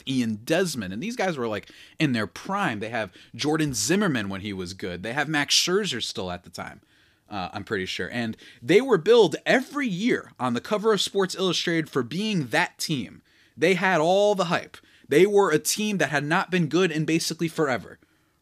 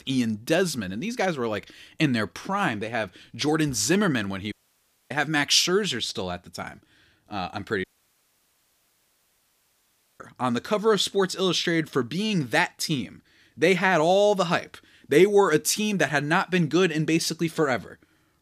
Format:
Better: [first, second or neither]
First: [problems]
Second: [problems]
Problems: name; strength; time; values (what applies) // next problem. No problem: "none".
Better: first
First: none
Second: audio cutting out; at 4.5 s for 0.5 s and at 8 s for 2.5 s